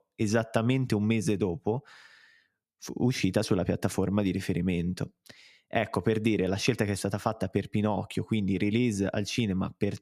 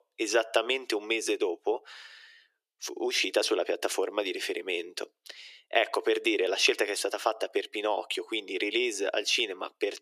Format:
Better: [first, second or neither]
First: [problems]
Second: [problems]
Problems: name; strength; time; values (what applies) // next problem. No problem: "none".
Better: first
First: none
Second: thin; very; fading below 350 Hz